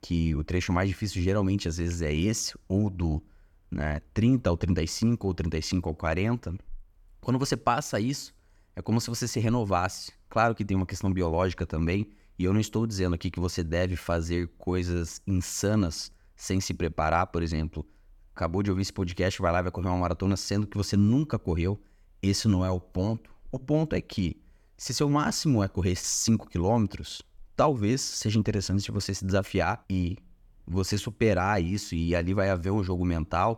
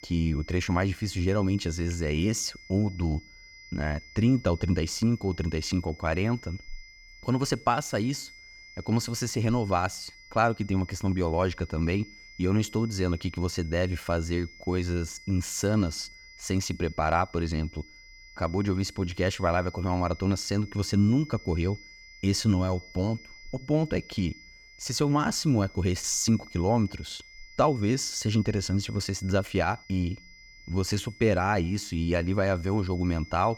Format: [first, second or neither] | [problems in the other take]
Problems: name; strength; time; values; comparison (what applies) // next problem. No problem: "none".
first | high-pitched whine; faint; throughout; 2 kHz, 20 dB below the speech